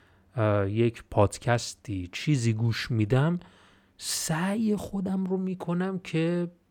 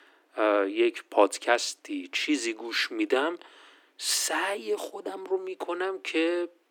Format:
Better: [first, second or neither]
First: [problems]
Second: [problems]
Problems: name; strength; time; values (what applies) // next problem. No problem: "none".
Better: first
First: none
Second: thin; very; fading below 300 Hz